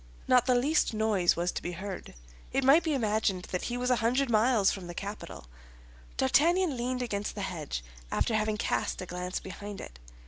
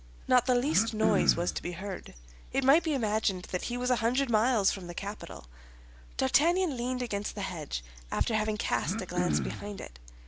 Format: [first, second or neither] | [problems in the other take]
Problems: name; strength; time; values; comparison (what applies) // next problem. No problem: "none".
first | background sound (Cough); 4 dB below the speech